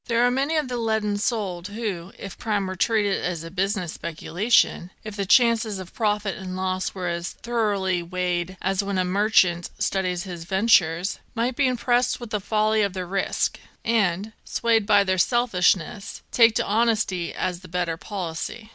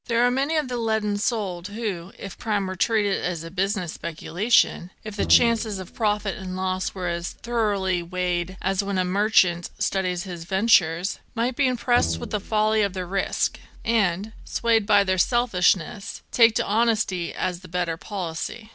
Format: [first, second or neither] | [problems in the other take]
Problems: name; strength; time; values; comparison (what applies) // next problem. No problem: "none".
first | background sound (Bowed string instrument); 13 dB below the speech